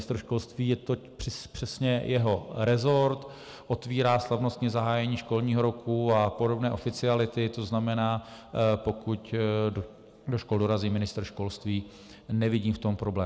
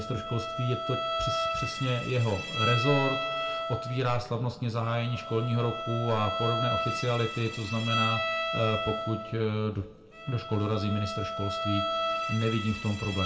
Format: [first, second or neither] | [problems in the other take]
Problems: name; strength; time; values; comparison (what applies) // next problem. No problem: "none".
first | background sound (Bowed string instrument); 3 dB below the speech // room echo; dies away in 0.2 s